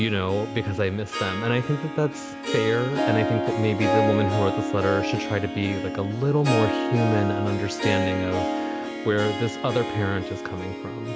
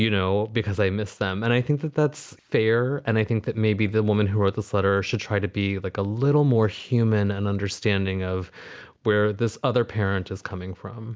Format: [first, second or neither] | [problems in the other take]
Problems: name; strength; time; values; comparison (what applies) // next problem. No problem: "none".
second | background sound (Harp); 2 dB below the speech